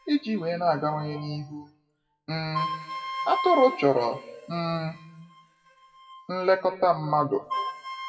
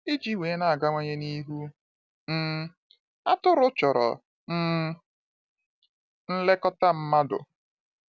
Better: second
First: noise reduction (classical method WPE with log-MMSE)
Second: none

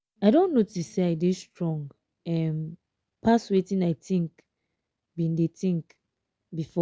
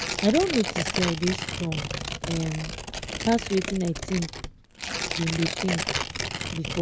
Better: first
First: none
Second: background sound (Tearing); 3 dB below the speech

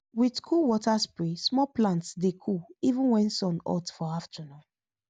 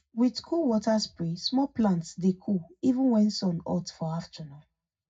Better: first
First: none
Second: room echo; dies away in 0.4 s

